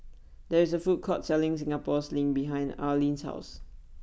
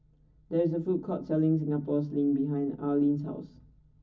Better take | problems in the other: first | room echo; dies away in 0.4 s

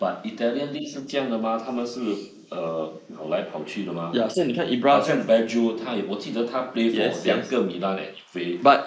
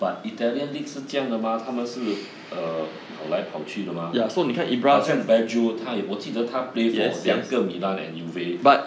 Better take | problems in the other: second | noise reduction (neural mask model Resemble Enhance denoiser)

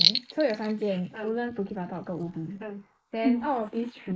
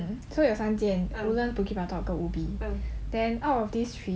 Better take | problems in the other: second | noise reduction (neural mask model Resemble Enhance denoiser)

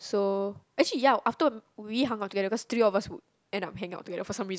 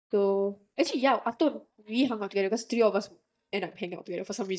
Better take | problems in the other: first | noise reduction (neural mask model DeepFilterNet 3)

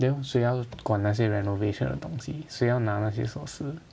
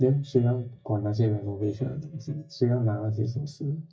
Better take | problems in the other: first | noise reduction (neural mask model DeepFilterNet 3)

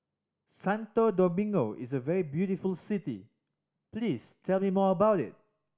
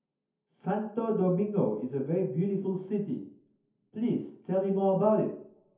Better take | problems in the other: first | room echo; dies away in 0.5 s

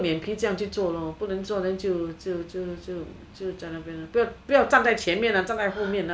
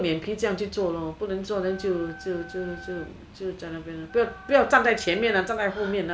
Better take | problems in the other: first | background sound (Wind instrument, woodwind instrument); 18 dB below the speech

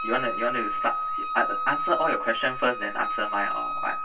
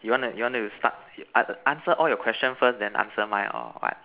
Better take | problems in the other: second | background sound (Wind instrument, woodwind instrument); 2 dB below the speech // room echo; dies away in 0.1 s

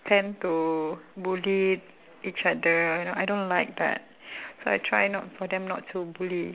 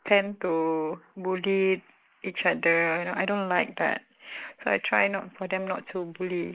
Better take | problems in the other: first | noise reduction (neural mask model Resemble Enhance denoiser)

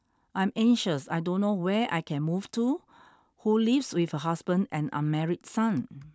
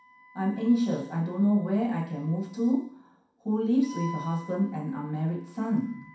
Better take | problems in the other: first | background sound (Wind instrument, woodwind instrument); 20 dB below the speech // room echo; dies away in 0.6 s

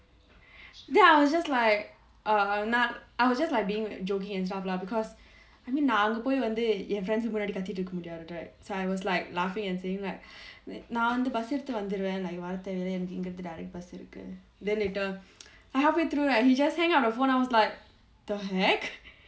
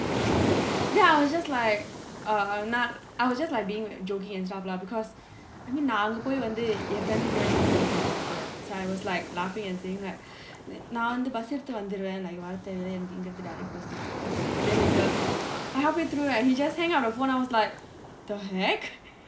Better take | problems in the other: first | background sound (Waves, surf); 3 dB below the speech

